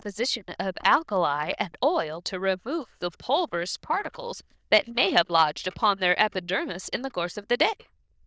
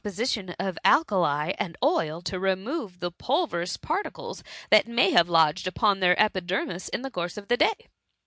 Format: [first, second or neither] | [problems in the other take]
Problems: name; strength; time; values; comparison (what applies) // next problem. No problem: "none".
second | noise reduction (neural diffusion model UNIVERSE++)